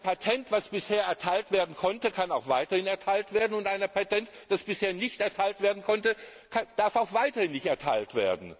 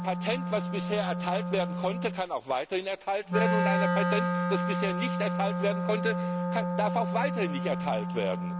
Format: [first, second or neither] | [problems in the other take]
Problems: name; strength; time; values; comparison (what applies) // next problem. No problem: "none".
first | background sound (Wind instrument, woodwind instrument); 1 dB above the speech